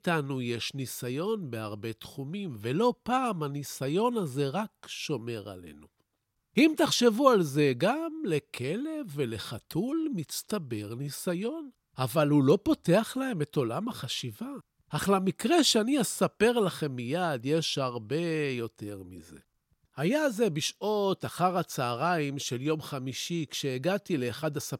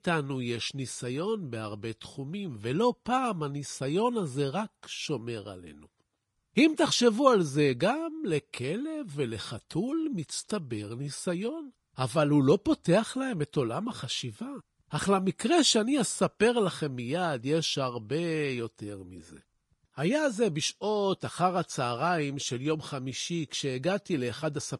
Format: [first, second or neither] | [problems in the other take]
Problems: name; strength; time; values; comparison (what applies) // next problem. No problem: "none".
first | garbled, watery; slightly; nothing above 10.5 kHz